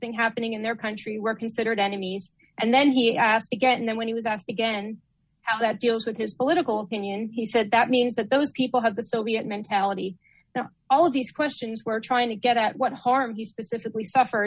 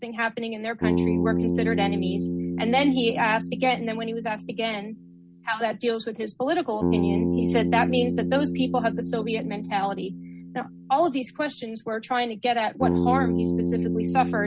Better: first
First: none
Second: background sound (Bass guitar); 1 dB below the speech

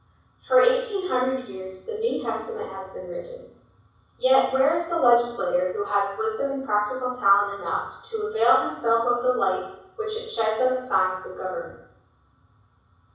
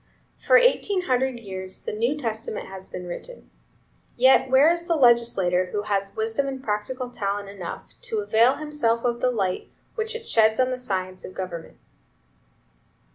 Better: second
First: room echo; dies away in 0.7 s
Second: none

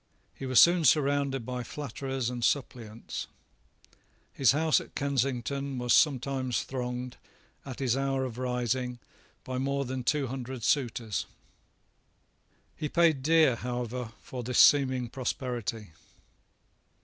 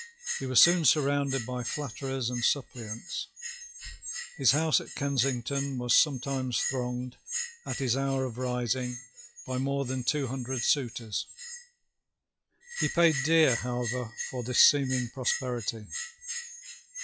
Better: first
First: none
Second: noise reduction (classical method log-MMSE)

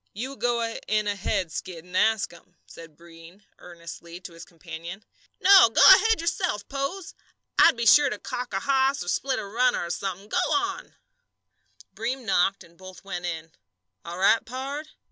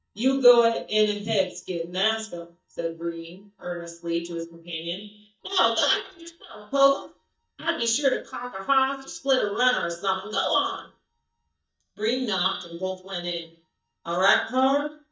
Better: first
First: none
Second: noise reduction (neural mask model DeepFilterNet 3)

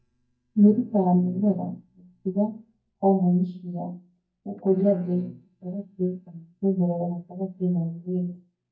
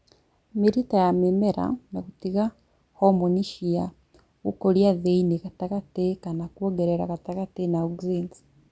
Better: second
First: noise reduction (neural mask model DeepFilterNet 3)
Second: none

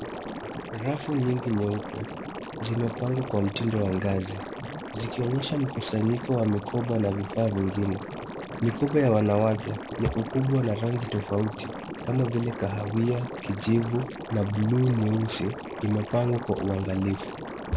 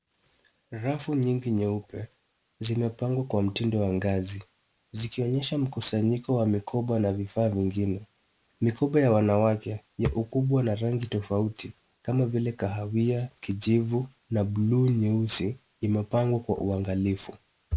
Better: second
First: background sound (Liquid); 9 dB below the speech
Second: none

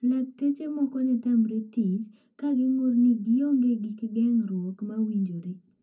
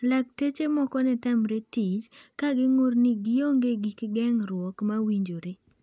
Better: second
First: room echo; dies away in 0.4 s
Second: none

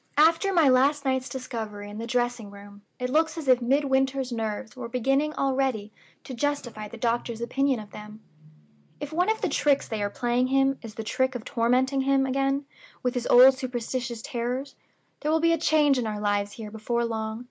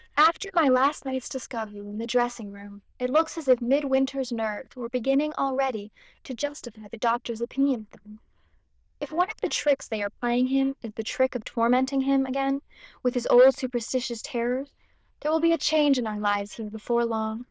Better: first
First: none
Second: noise reduction (neural diffusion model UNIVERSE++)

